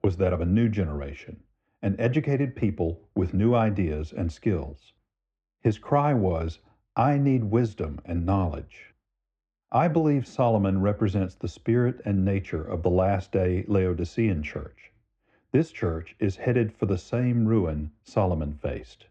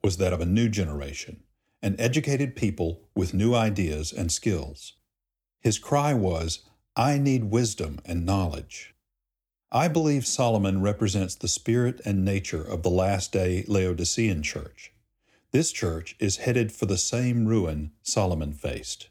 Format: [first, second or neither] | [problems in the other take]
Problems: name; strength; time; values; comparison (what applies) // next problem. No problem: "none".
second | muffled; very; fading above 1.5 kHz